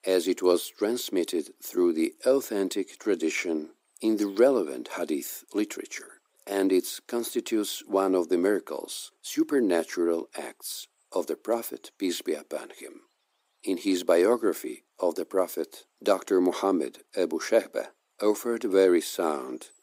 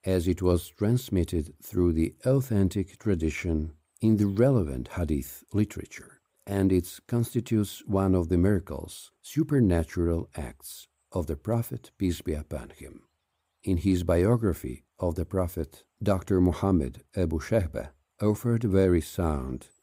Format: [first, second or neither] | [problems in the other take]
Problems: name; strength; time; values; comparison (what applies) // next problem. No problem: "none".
second | thin; somewhat; fading below 300 Hz